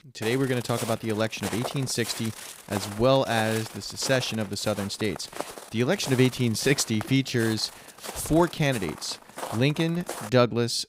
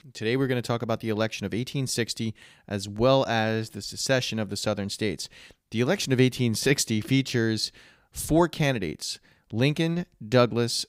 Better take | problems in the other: second | footsteps; noticeable; until 10 s; peak 7 dB below the speech

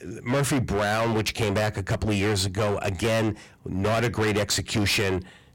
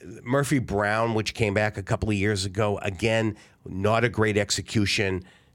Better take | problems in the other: second | distortion; heavy; 21% of the sound clipped

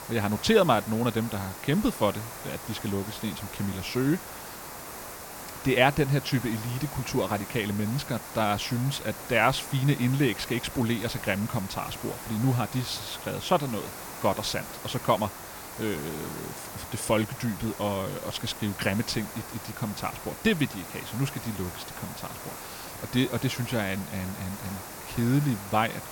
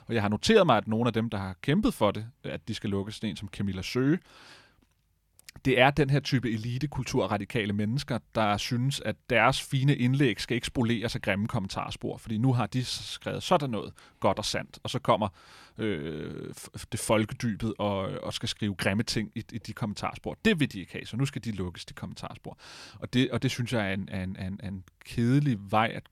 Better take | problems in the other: second | hiss; noticeable; throughout; 10 dB below the speech

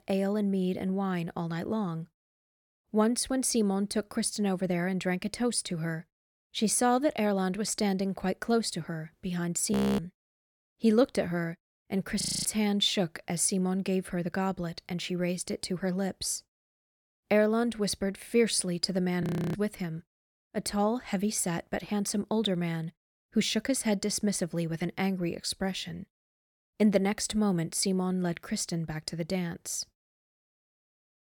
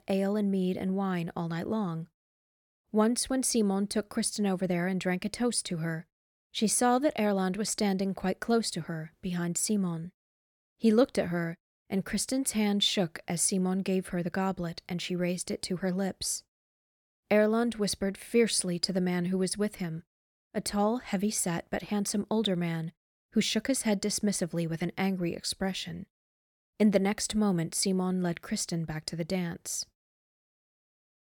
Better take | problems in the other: second | audio freezing; at 9.5 s, at 12 s and at 19 s

